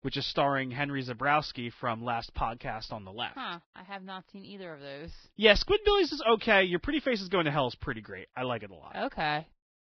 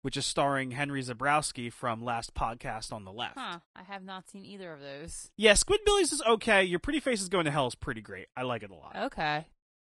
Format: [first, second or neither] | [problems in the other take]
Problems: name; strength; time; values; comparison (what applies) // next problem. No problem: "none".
second | garbled, watery; badly; nothing above 5.5 kHz; slightly in the second